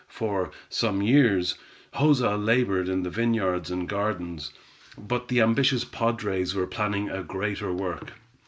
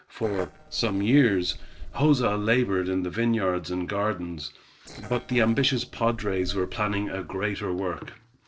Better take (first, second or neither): first